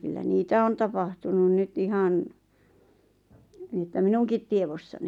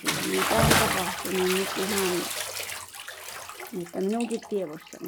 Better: first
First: none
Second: background sound (Bathtub (filling or washing) / Splash, splatter); 1 dB above the speech

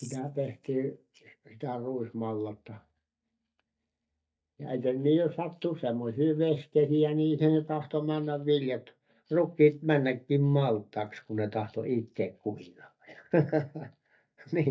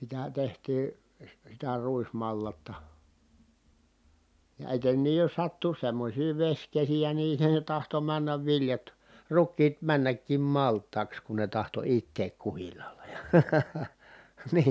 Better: second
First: noise reduction (neural mask model DeepFilterNet 3)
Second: none

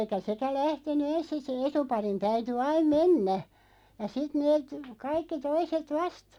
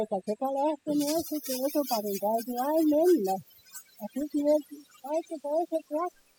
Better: first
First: none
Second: noise reduction (classical method spectral subtraction)

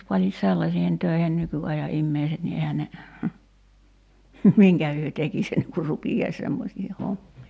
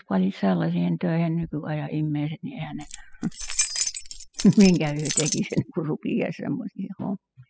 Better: first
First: none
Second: noise reduction (classical method spectral subtraction)

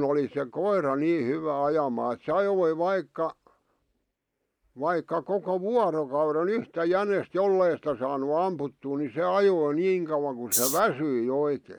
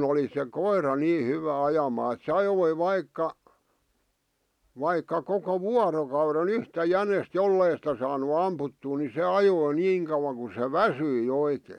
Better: second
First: noise reduction (neural mask model Resemble Enhance denoiser)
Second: none

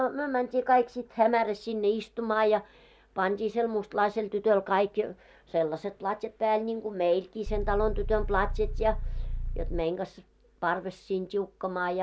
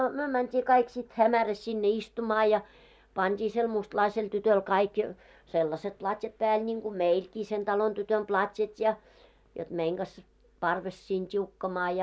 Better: second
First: background sound (Idling / Car); 2 dB below the speech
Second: none

